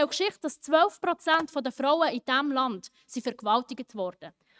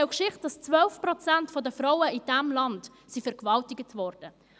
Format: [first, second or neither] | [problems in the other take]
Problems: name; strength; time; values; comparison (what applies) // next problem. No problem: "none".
second | noise reduction (neural mask model RNNoise)